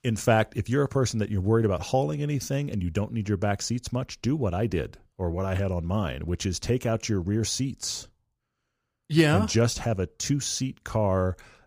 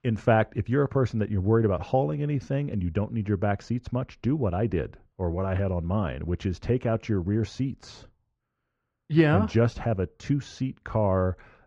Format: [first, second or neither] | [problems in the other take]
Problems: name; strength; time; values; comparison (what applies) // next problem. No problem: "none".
first | muffled; very; fading above 2 kHz